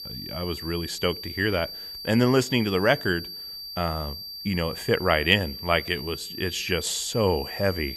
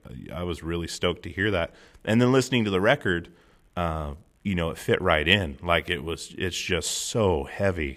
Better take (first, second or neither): second